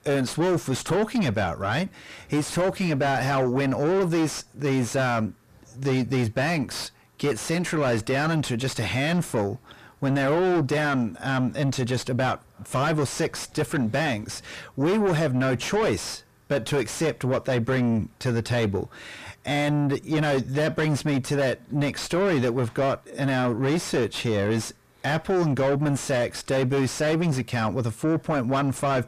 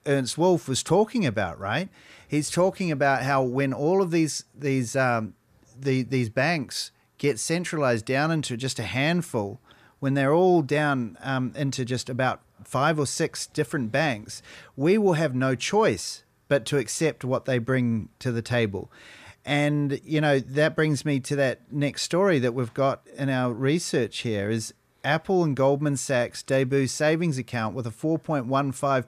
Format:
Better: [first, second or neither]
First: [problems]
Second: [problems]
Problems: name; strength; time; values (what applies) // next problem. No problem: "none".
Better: second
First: distortion; heavy; 6 dB below the speech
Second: none